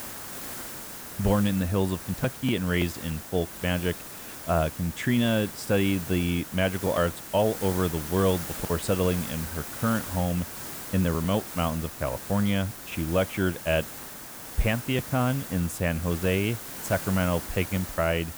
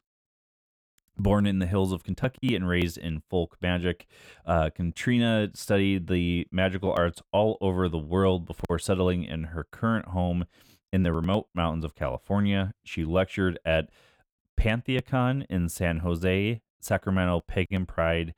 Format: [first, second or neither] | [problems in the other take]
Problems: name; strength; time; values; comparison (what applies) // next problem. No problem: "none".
second | hiss; loud; throughout; 9 dB below the speech